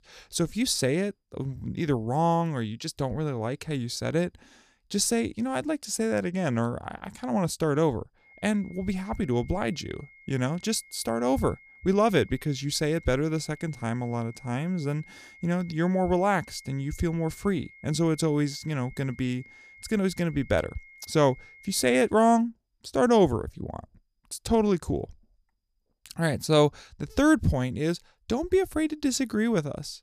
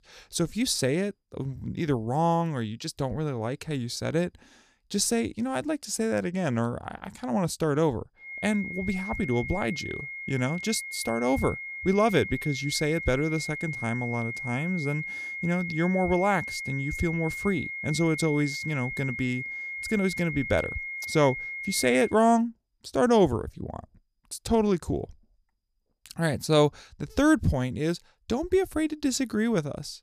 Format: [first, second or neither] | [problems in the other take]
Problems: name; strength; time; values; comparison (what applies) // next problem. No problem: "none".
first | high-pitched whine; loud; from 8.5 to 22 s; 2 kHz, 6 dB below the speech; faint in the first